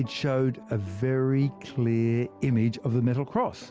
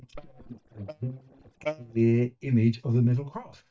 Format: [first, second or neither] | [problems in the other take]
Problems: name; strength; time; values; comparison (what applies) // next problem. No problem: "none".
first | noise reduction (neural mask model DeepFilterNet 3)